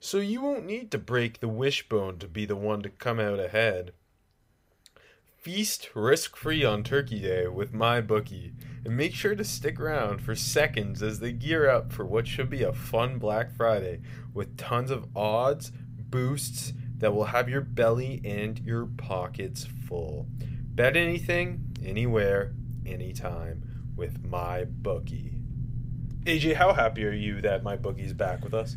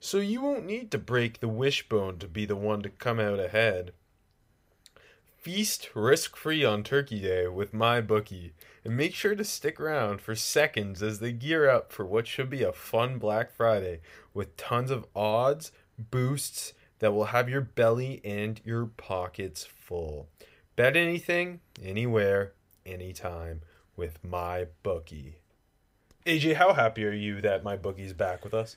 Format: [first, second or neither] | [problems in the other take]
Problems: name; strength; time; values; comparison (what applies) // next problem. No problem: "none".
second | low rumble; faint; from 6.5 s on; 20 dB below the speech